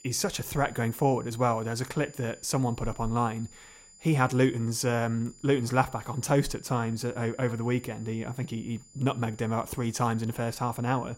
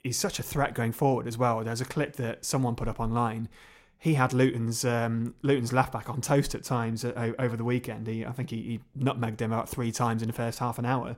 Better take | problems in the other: second | high-pitched whine; faint; throughout; 7 kHz, 25 dB below the speech

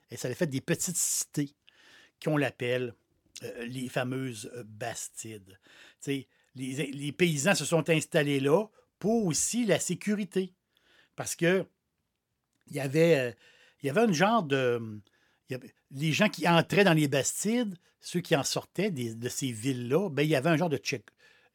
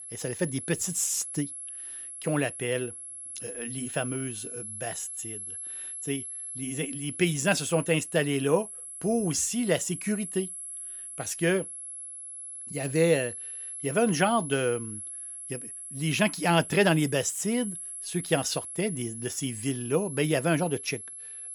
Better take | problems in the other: first | high-pitched whine; loud; throughout; 11 kHz, 8 dB below the speech

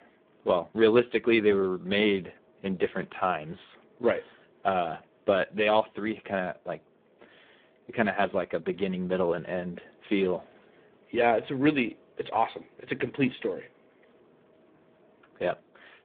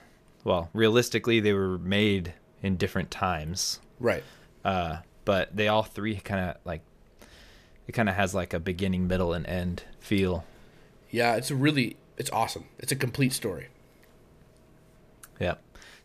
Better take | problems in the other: second | phone-call audio; poor line

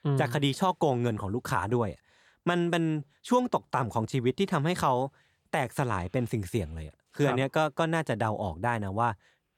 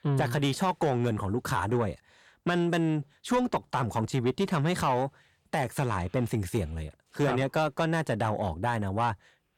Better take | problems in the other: first | distortion; slight; 10 dB below the speech

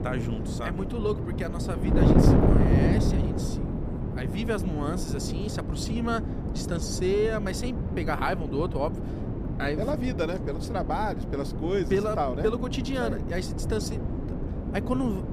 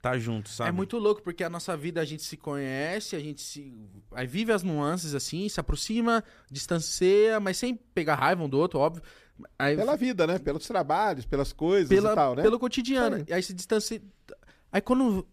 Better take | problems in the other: second | wind noise on the microphone; heavy; 3 dB below the speech

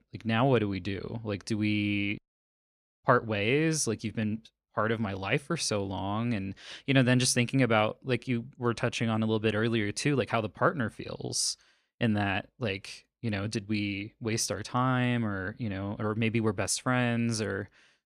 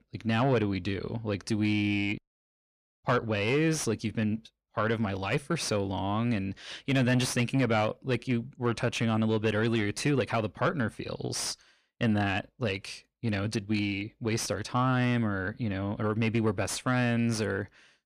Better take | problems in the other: first | distortion; slight; 10 dB below the speech

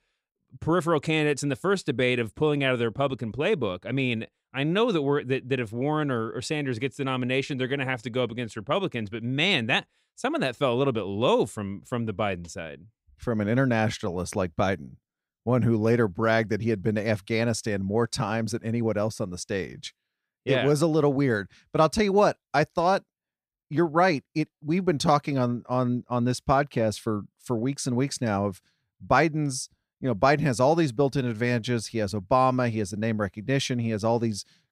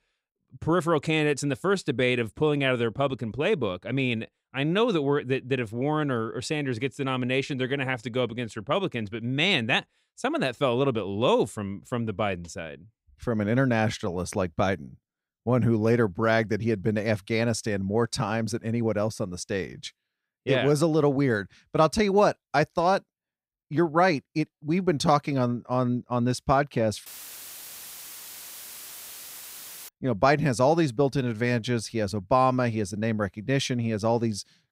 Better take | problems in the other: first | audio cutting out; filled with static; at 27 s for 3 s

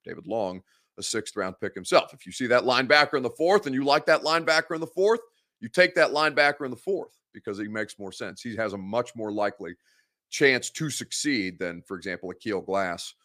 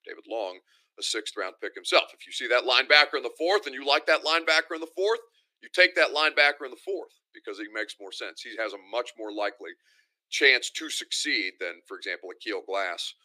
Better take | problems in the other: first | thin; somewhat; fading below 300 Hz

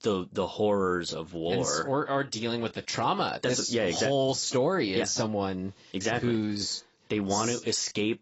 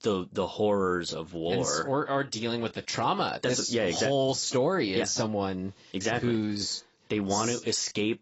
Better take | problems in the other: neither | garbled, watery; badly; nothing above 7.5 kHz; the same in both

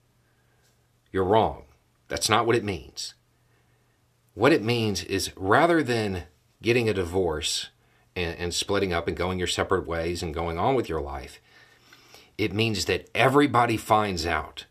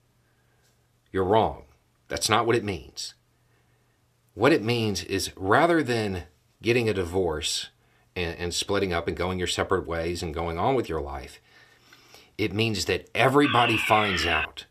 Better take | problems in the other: first | alarm; loud; from 13 s on; peak 1 dB above the speech

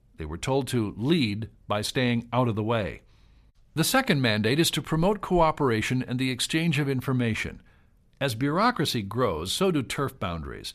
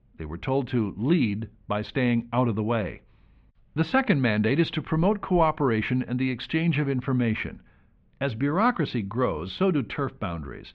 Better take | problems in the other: first | muffled; slightly; fading above 3 kHz

